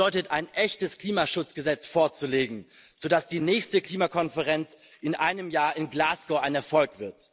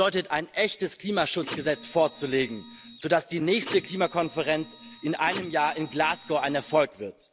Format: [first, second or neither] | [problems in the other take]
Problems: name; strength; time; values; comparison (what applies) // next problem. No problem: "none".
first | background sound (Printer); 15 dB below the speech